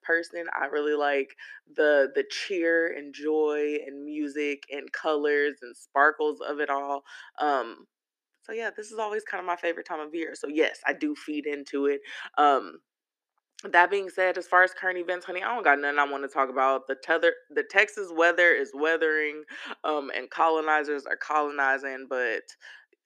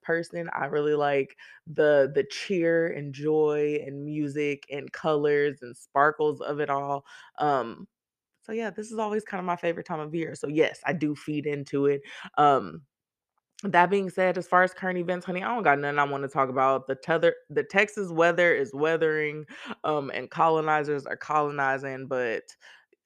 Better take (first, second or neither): second